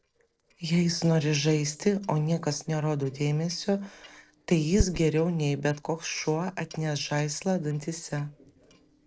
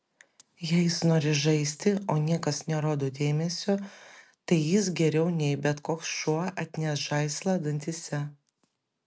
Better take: second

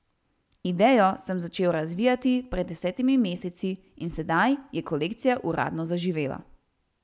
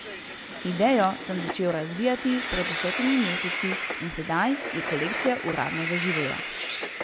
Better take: first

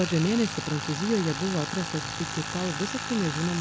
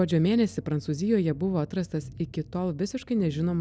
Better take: second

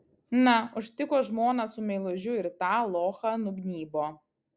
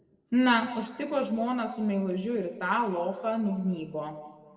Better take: first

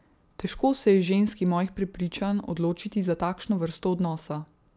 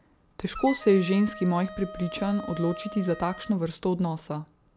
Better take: first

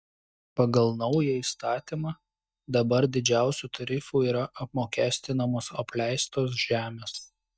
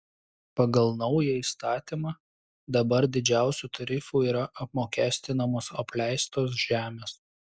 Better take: second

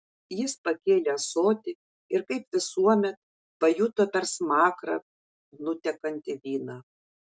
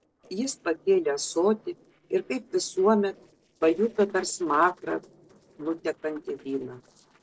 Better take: first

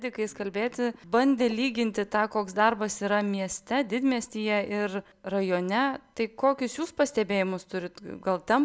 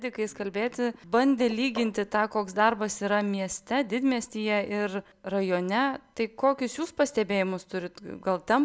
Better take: first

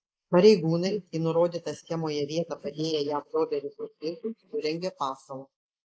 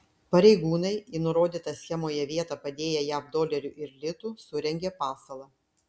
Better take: second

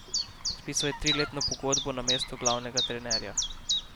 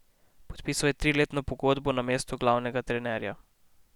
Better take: second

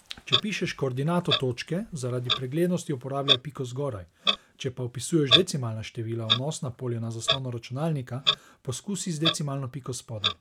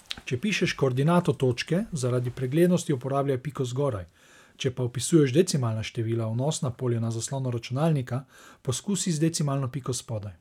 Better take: second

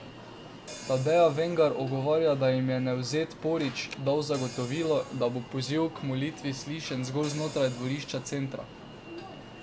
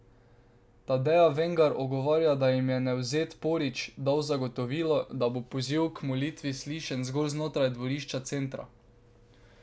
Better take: second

